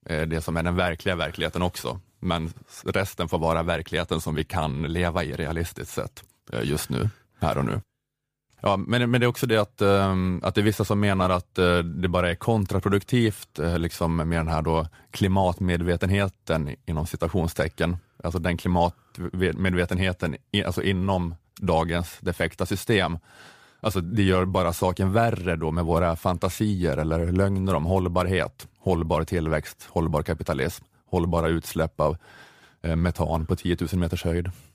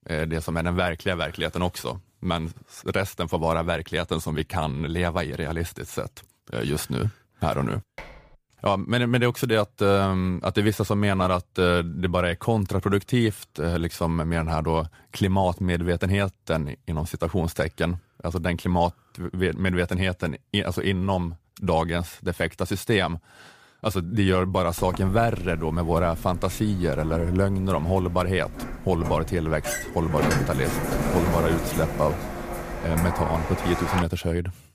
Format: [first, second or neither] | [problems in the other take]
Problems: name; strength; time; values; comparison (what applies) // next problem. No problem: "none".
first | clattering dishes; faint; at 8 s; peak 15 dB below the speech // door banging; loud; from 25 to 34 s; peak 1 dB above the speech